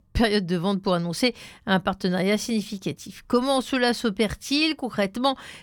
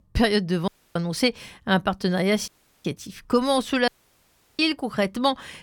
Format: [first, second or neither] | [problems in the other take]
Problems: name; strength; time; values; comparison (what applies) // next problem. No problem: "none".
first | audio cutting out; at 0.5 s, at 2.5 s and at 4 s for 0.5 s